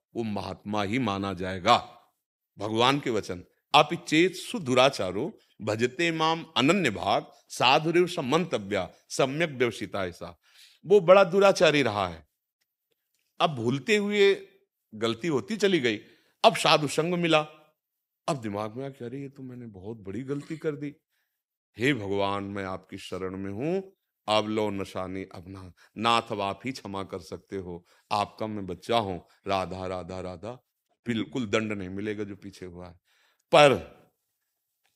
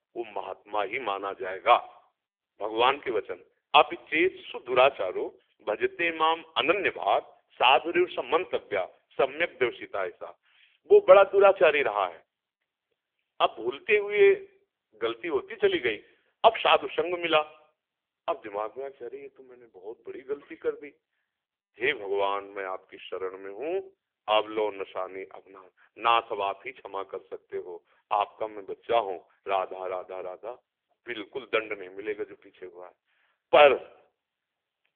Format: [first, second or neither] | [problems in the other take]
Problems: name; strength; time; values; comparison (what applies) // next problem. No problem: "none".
first | phone-call audio; poor line; nothing above 3.5 kHz